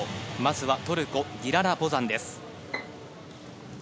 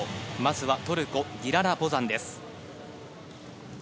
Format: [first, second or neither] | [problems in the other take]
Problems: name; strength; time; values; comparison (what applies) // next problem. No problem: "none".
second | background sound (Bowed string instrument); 13 dB below the speech